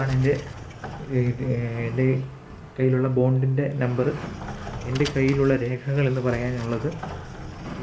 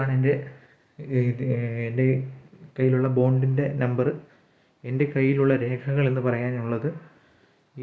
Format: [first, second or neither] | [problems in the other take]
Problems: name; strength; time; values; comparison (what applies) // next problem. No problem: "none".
second | background sound (Sliding door); 12 dB below the speech